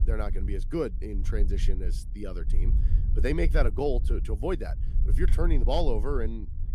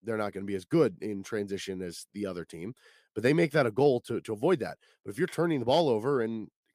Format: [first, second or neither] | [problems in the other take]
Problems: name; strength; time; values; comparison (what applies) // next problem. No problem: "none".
second | wind noise on the microphone; occasional gusts; 15 dB below the speech